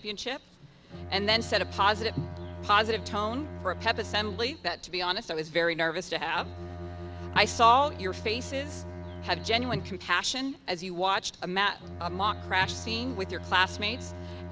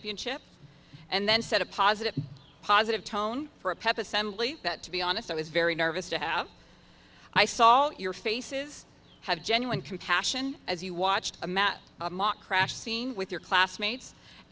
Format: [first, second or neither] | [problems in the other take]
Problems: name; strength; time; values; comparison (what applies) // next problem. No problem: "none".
second | background sound (Bowed string instrument); 11 dB below the speech